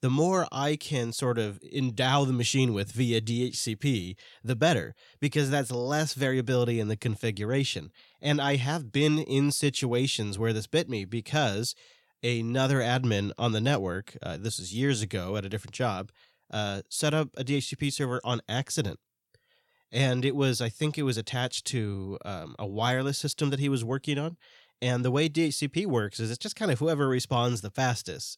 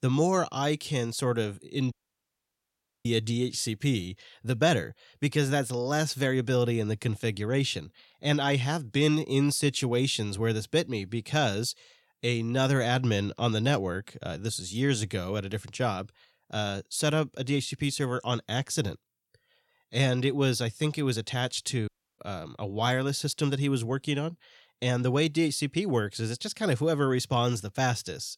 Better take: first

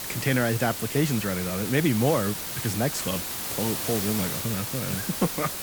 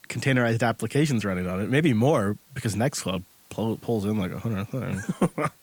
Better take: second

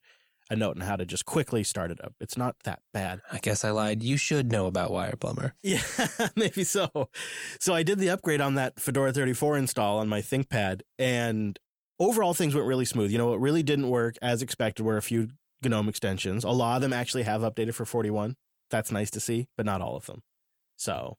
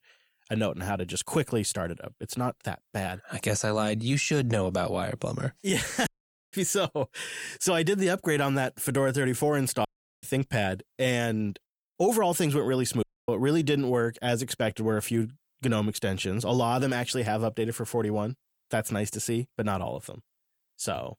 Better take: first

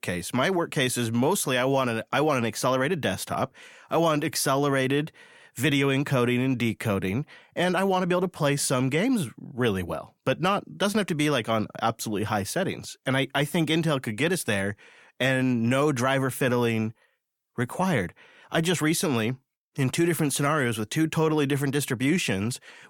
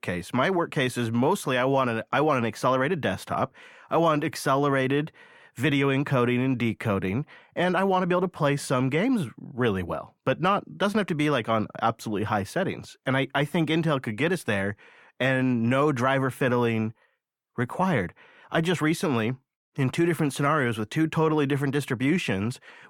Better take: first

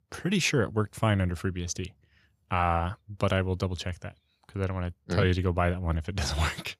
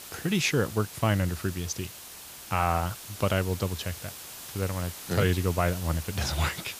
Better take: first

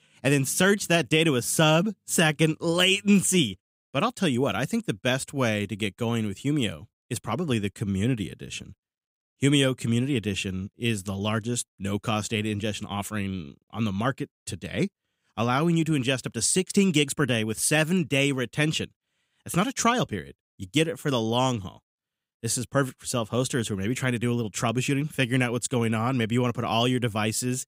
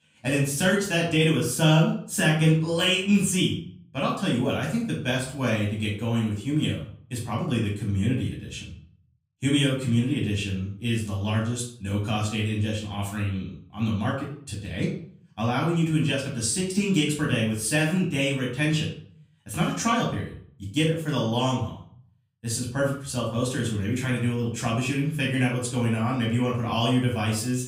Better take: first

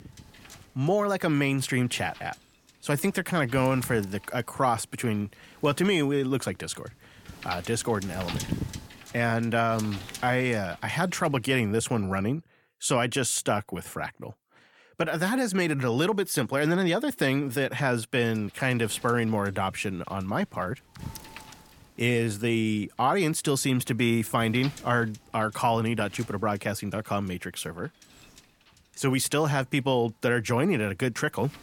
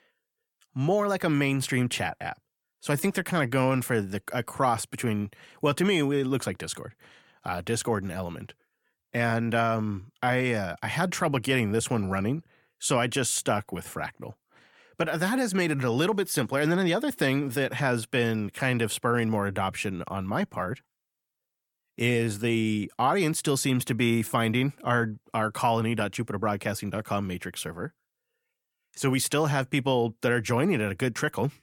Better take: second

